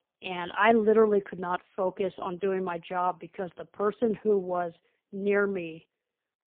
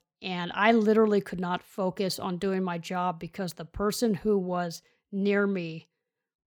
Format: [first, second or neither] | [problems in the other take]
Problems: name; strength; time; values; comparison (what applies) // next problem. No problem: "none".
second | phone-call audio; poor line